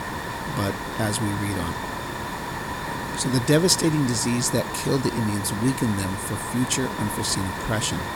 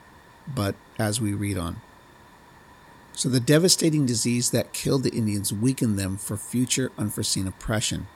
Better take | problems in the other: second | hiss; loud; throughout; 6 dB below the speech; faint in the second

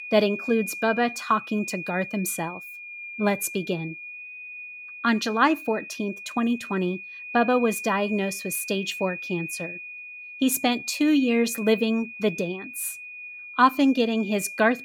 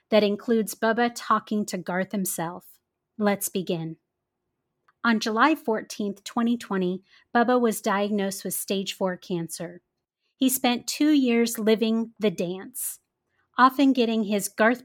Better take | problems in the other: second | high-pitched whine; noticeable; throughout; 2.5 kHz, 10 dB below the speech

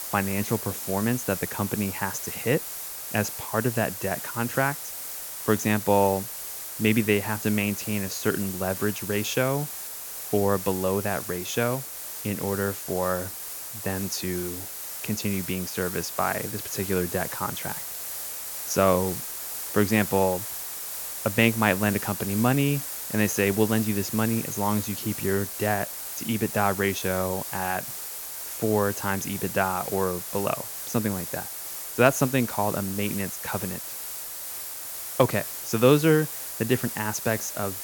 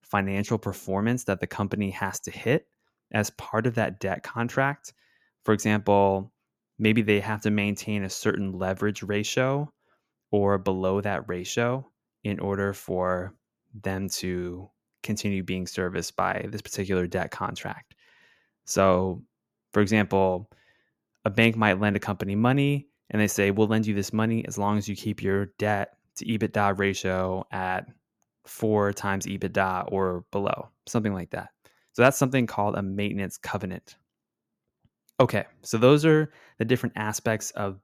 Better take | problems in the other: second | hiss; loud; throughout; 6 dB below the speech

